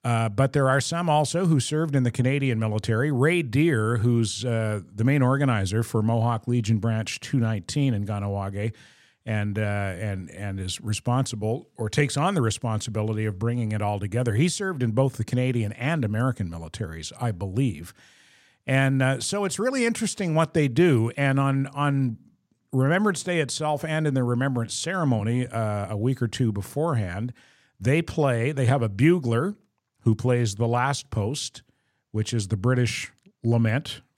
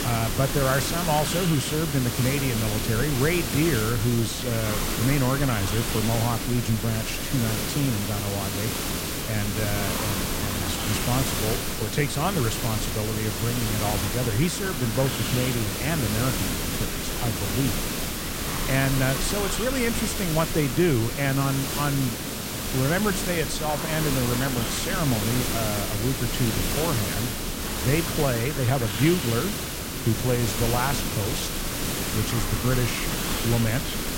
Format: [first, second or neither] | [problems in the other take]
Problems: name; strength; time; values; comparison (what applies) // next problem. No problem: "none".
first | hiss; loud; throughout; 1 dB below the speech